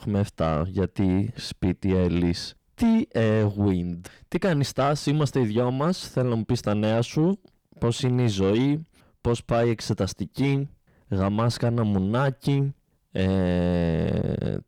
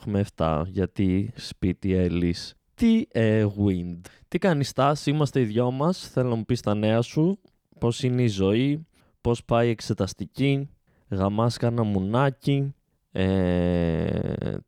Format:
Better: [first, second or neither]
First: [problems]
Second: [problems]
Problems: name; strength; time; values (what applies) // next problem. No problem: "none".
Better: second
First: distortion; slight; 10 dB below the speech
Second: none